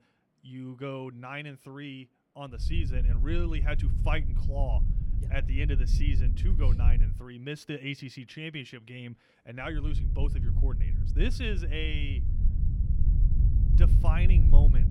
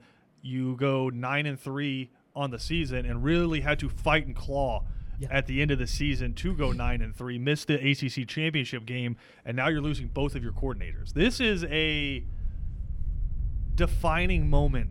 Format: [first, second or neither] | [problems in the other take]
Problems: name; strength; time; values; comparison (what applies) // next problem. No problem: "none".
second | low rumble; loud; from 2.5 to 7 s and from 9.5 s on; 7 dB below the speech; faint in the second